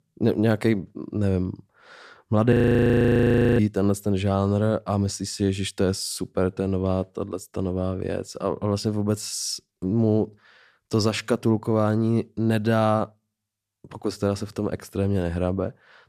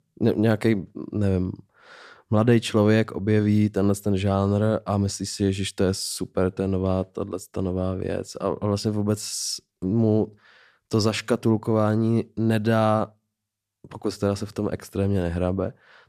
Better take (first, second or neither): second